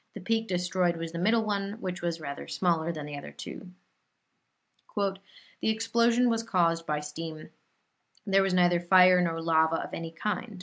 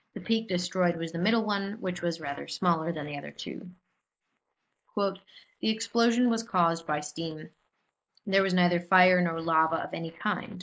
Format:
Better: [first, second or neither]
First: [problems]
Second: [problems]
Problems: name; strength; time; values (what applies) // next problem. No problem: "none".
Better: first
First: none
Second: noise reduction (neural mask model Resemble Enhance denoiser)